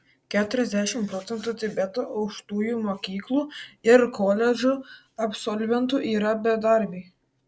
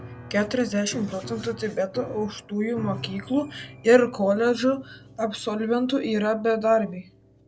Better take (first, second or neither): first